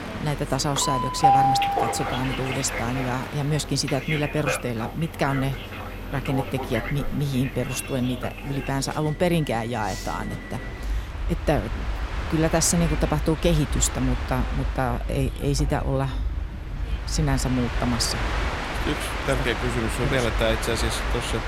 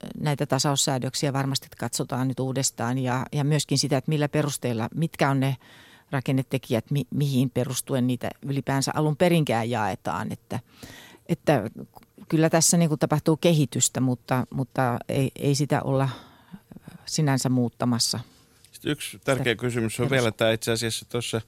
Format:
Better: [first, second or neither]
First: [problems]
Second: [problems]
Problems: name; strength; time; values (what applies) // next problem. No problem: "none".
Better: second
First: train or aircraft noise; loud; throughout; 3 dB below the speech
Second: none